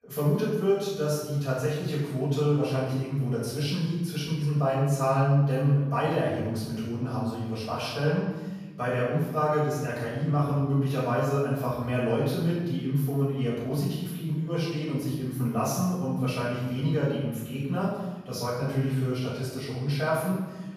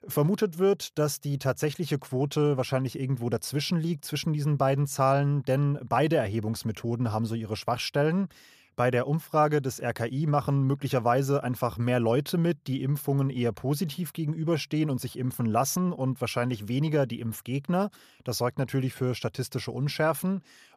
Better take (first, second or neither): second